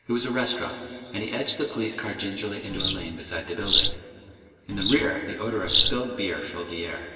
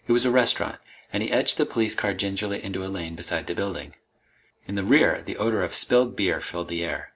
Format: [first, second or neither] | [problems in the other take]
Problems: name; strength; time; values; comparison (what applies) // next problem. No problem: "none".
second | background sound (Bird vocalization, bird call, bird song); 3 dB above the speech // room echo; dies away in 2.6 s